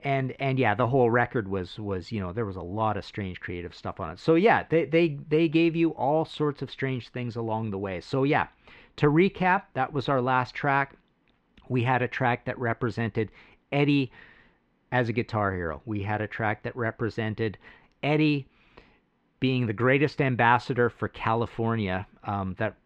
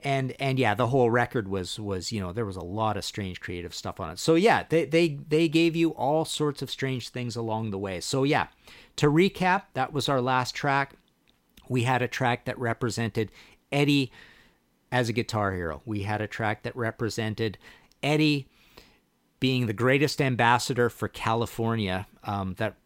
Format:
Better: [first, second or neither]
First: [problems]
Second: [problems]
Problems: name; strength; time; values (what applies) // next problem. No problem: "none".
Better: second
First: muffled; slightly; fading above 2 kHz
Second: none